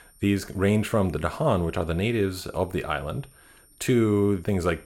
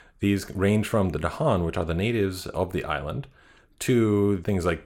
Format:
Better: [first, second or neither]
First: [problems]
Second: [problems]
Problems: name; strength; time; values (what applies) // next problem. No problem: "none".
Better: second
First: high-pitched whine; faint; throughout; 9 kHz, 30 dB below the speech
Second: none